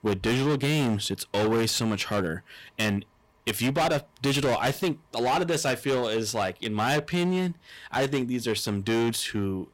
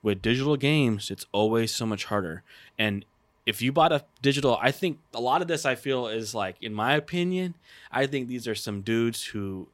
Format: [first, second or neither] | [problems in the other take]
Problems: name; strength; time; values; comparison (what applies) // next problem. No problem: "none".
second | distortion; heavy; 18% of the sound clipped